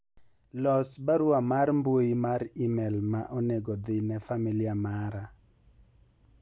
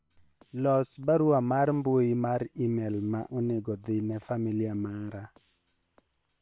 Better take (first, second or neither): first